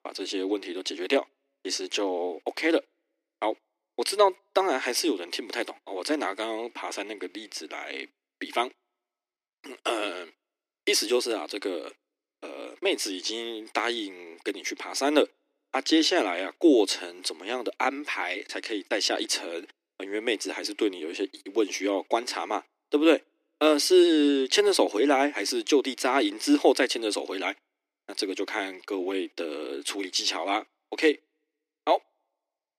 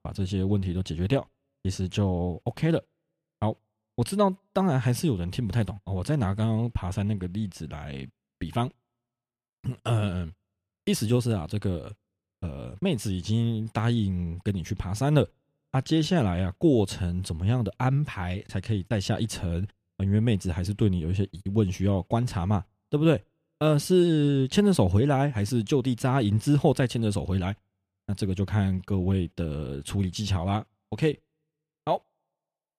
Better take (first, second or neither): second